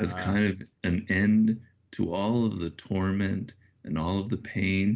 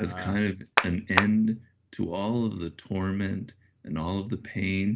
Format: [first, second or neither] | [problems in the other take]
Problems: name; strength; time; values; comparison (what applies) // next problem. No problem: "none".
first | background sound (Clapping); 3 dB above the speech